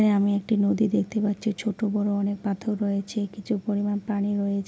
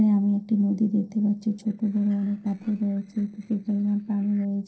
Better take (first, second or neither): first